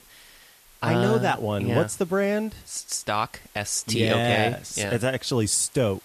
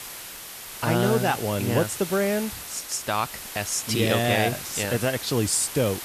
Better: first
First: hiss; faint; throughout; 25 dB below the speech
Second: hiss; loud; throughout; 9 dB below the speech

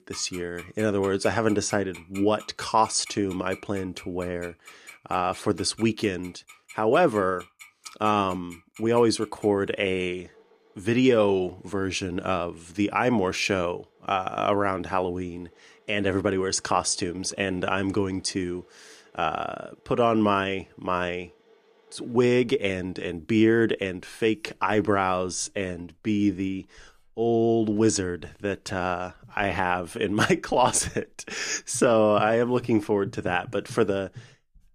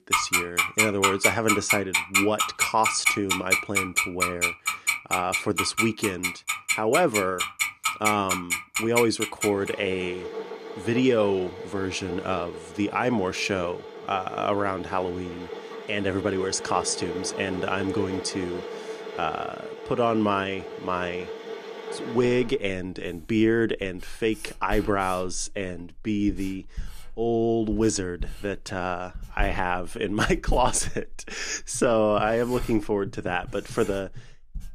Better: first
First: household noises; faint; throughout; 25 dB below the speech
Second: household noises; loud; throughout; 2 dB below the speech

